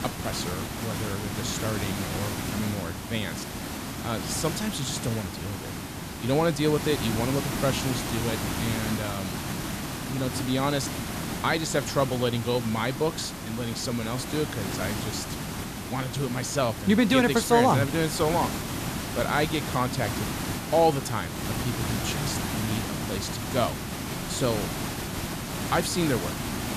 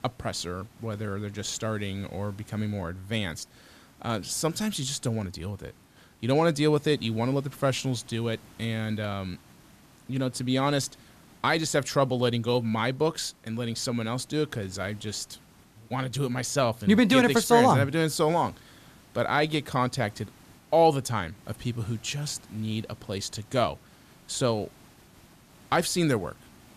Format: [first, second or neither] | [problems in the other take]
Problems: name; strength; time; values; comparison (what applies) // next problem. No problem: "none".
second | hiss; loud; throughout; 4 dB below the speech; faint in the second